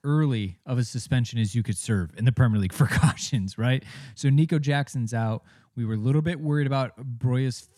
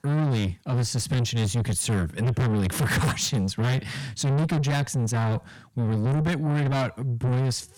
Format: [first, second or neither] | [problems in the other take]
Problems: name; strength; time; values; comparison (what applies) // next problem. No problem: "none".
first | distortion; heavy; 5 dB below the speech